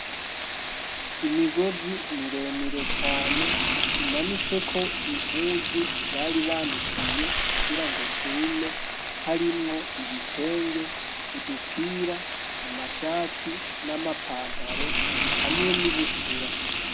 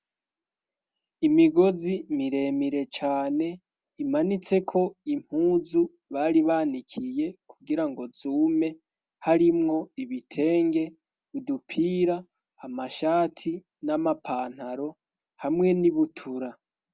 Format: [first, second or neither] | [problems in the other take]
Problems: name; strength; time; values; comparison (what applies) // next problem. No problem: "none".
second | background sound (Frying (food)); 2 dB above the speech